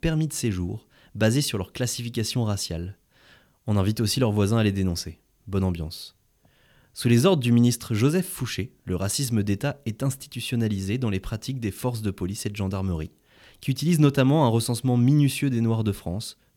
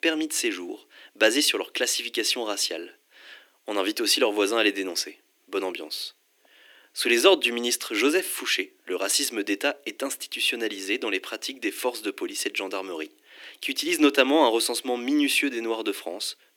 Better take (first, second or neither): first